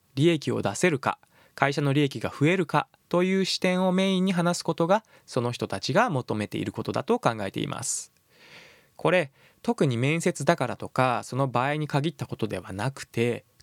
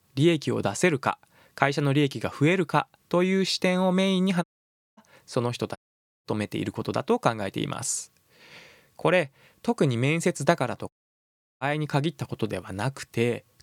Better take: first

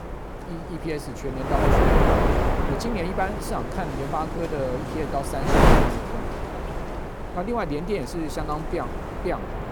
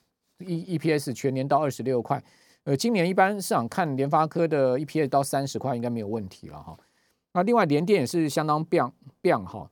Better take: second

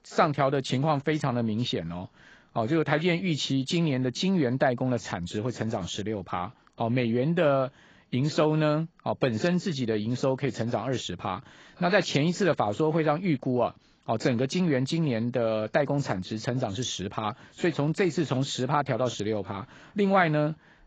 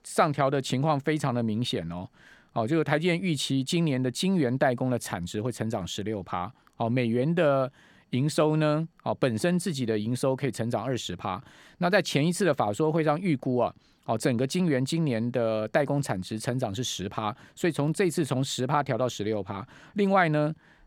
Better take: second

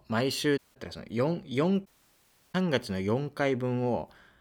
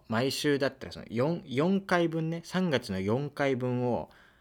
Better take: second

